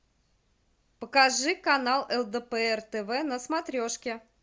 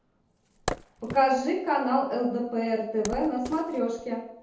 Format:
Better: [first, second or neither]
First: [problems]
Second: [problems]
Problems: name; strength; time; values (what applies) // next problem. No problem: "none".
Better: first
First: none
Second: background sound (Wood); 14 dB below the speech // room echo; dies away in 0.8 s